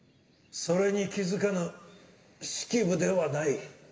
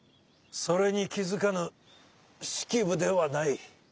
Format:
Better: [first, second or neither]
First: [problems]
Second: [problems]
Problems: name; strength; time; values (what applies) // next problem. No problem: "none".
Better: second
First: room echo; dies away in 1.4 s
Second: none